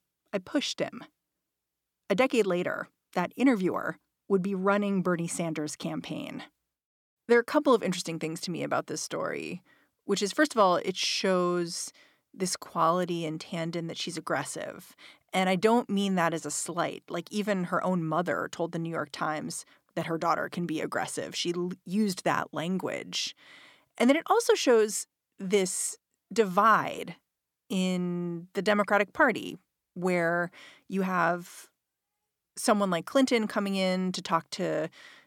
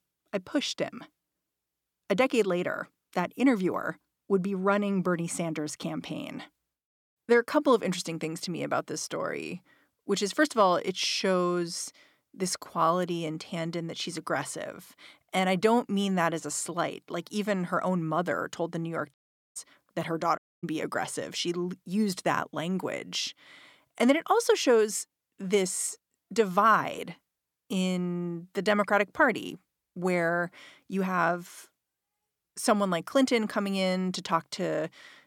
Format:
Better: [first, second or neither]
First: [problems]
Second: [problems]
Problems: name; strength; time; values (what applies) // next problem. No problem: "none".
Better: first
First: none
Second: audio cutting out; at 19 s and at 20 s